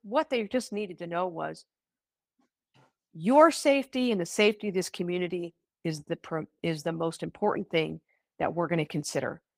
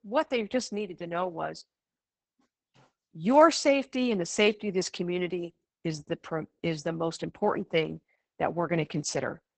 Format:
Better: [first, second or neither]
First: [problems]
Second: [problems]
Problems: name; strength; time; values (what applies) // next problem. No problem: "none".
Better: first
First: garbled, watery; slightly; nothing above 15.5 kHz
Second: garbled, watery; badly; nothing above 8 kHz